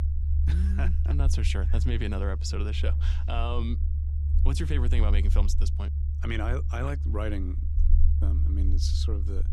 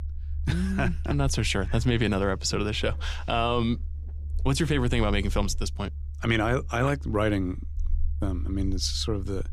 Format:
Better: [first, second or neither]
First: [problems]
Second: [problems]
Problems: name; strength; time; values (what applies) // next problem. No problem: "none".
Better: second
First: low rumble; loud; throughout; 8 dB below the speech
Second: low rumble; faint; throughout; 25 dB below the speech